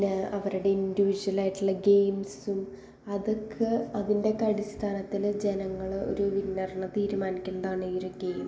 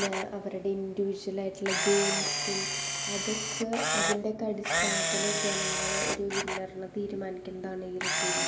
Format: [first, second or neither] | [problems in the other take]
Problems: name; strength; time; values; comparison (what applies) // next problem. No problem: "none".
first | background sound (Camera); 1 dB above the speech